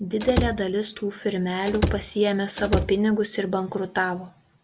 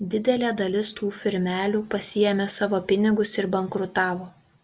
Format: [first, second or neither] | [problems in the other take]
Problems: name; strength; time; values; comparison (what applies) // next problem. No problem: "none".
second | background sound (Slam / Wood); 2 dB below the speech